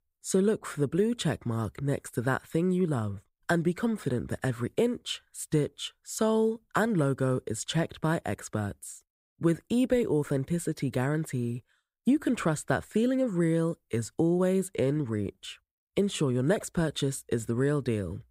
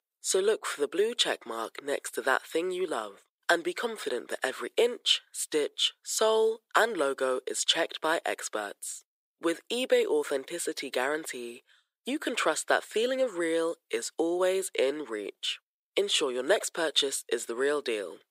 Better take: first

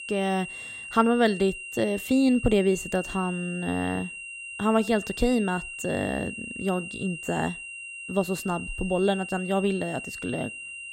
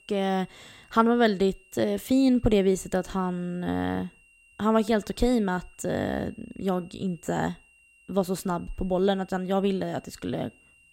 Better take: second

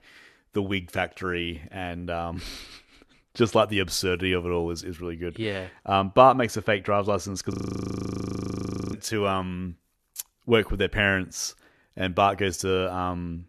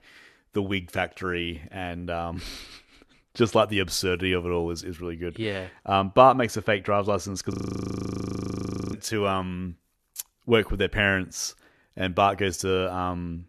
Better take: neither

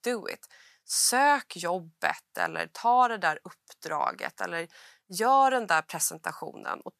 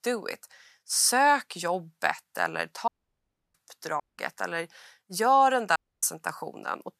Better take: first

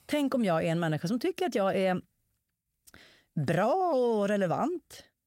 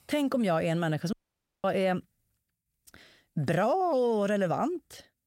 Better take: first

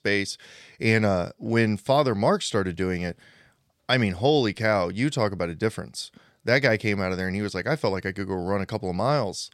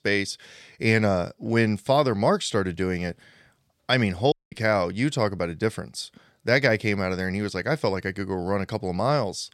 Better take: first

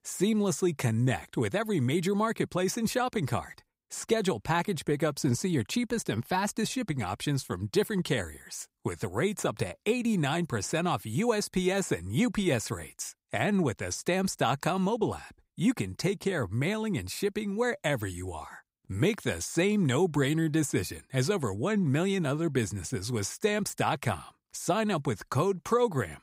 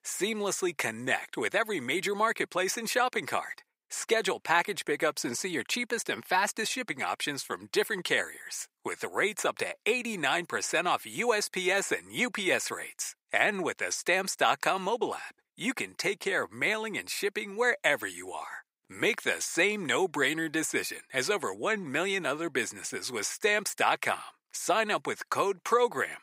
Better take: first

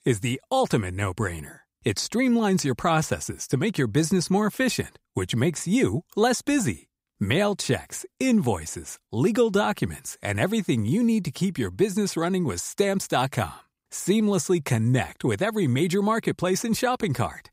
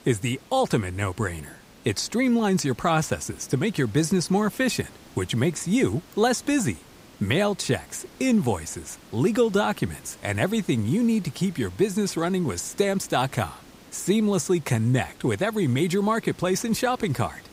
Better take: first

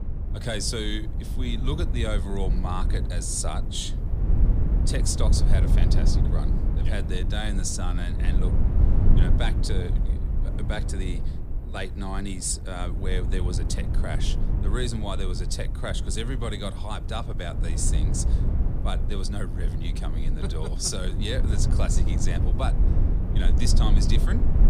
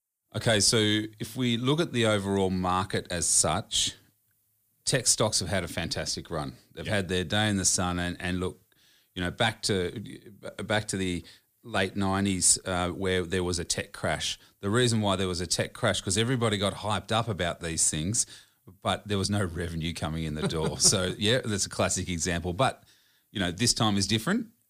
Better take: second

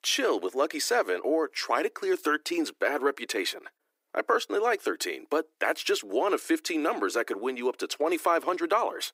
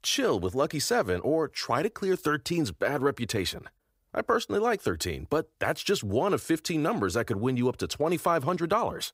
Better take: second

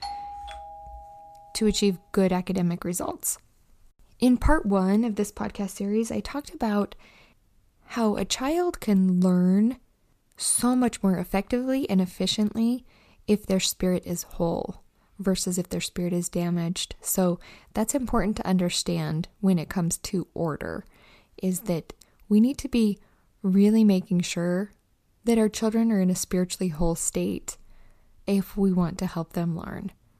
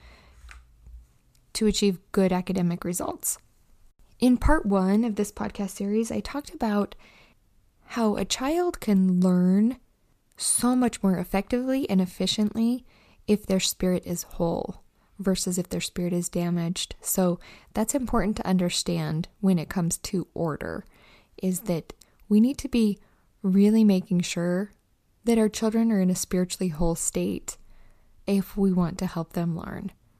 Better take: second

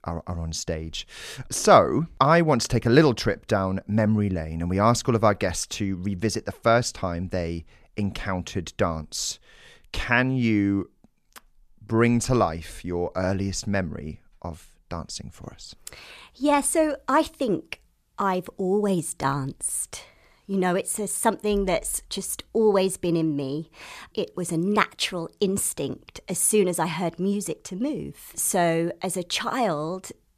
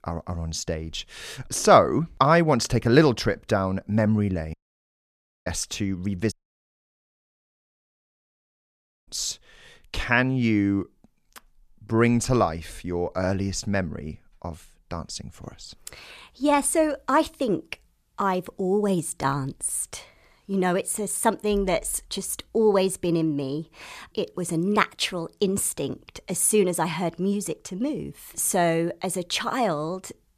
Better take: first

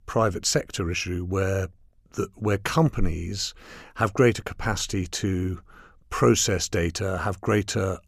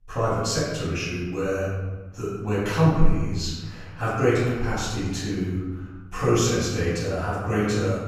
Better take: first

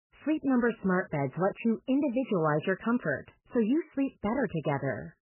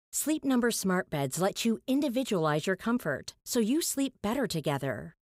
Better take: second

